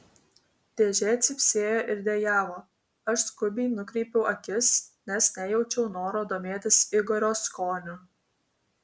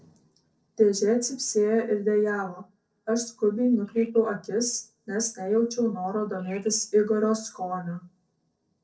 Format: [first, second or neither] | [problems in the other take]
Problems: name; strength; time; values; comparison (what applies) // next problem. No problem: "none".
first | noise reduction (neural separator model SepFormer DNS4)